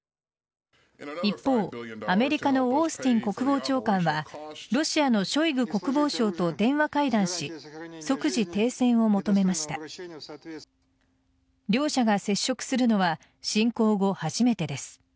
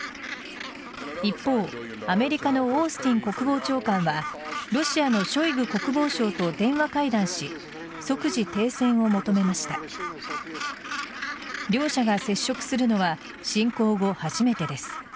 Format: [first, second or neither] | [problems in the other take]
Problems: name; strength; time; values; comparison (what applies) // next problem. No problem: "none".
first | background sound (Gull, seagull); 11 dB below the speech